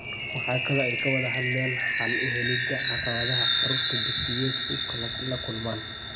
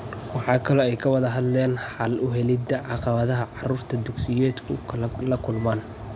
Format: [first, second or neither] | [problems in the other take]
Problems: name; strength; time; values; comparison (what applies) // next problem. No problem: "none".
second | background sound (Chime); 4 dB above the speech // room echo; dies away in 1.2 s